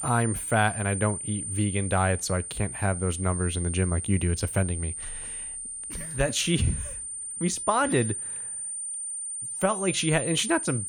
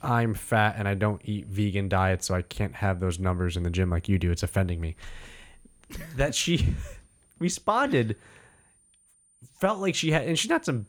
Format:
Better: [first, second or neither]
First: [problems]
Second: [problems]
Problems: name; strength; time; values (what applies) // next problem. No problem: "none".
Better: second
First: high-pitched whine; loud; throughout; 9 kHz, 5 dB below the speech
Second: high-pitched whine; faint; throughout; 9 kHz, 35 dB below the speech